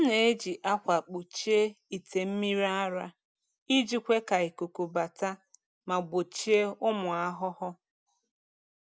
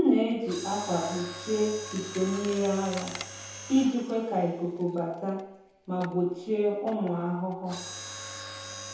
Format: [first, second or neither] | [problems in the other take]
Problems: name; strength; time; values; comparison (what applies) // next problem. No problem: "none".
first | background sound (Mechanisms); 13 dB below the speech // room echo; dies away in 0.8 s